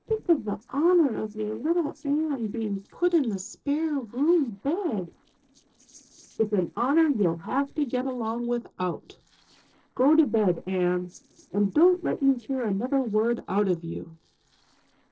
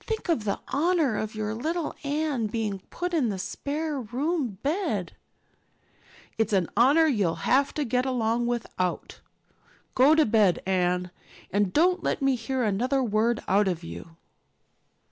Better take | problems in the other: second | noise reduction (neural separator model SepFormer DNS4)

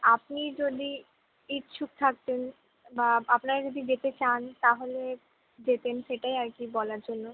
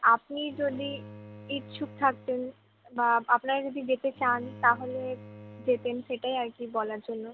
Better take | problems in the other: first | background sound (Bowed string instrument); 19 dB below the speech

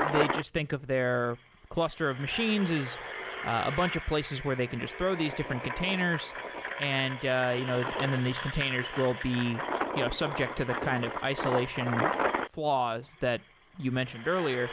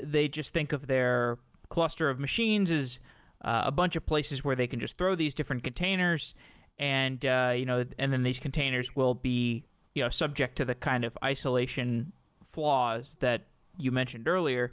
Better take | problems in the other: second | background sound (Engine); 5 dB below the speech

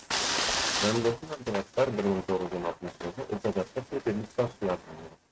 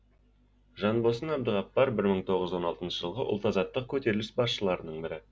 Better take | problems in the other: second | noise reduction (neural mask model RNNoise)

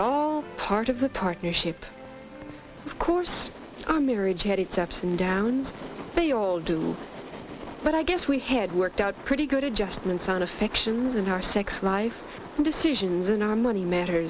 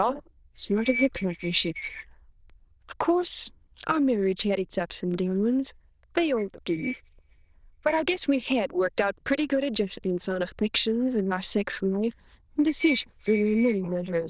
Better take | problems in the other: first | noise reduction (neural diffusion model UNIVERSE++)

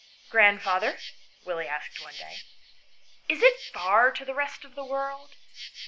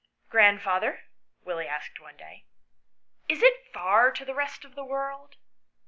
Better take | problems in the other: second | background sound (Insect); 18 dB below the speech

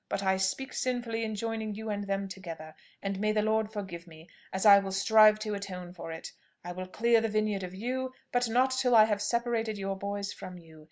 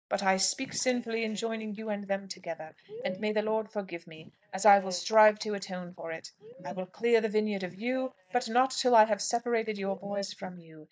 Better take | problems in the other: first | noise reduction (neural mask model DeepFilterNet 3)

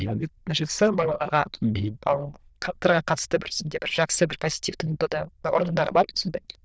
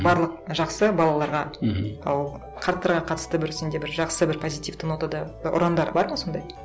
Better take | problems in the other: second | noise reduction (neural diffusion model UNIVERSE++)

